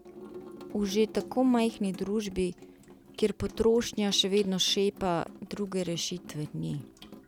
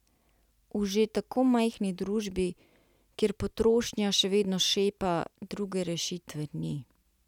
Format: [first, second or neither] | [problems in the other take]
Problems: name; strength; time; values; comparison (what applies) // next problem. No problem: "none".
second | background sound (Sink (filling or washing) / Water tap, faucet); 18 dB below the speech